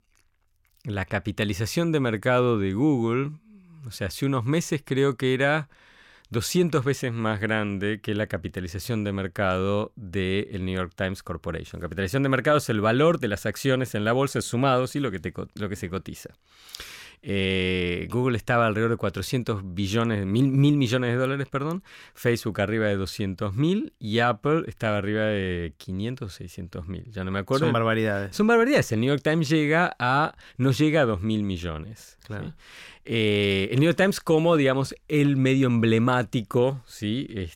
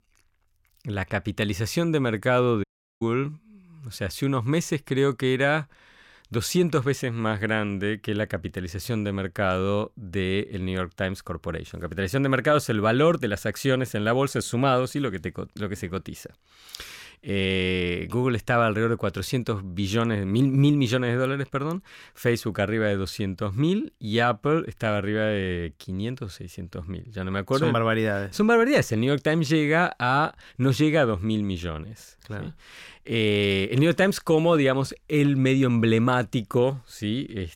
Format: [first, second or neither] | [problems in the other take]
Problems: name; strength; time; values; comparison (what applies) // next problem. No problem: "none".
first | audio cutting out; at 2.5 s